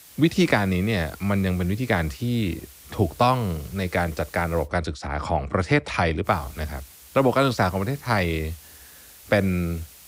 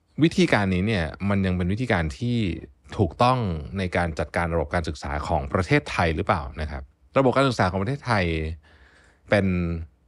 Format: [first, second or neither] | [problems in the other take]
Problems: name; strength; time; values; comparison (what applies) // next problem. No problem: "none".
second | hiss; faint; until 4.5 s and from 6.5 s on; 20 dB below the speech